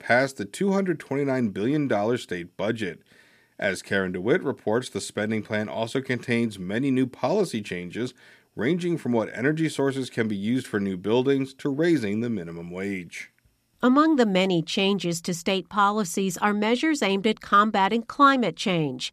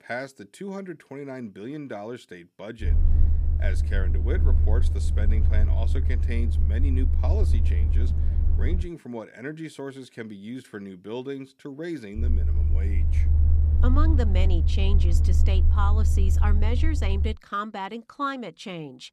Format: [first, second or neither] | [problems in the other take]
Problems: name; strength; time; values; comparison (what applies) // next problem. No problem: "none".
first | low rumble; loud; from 3 to 9 s and from 12 to 17 s; 6 dB below the speech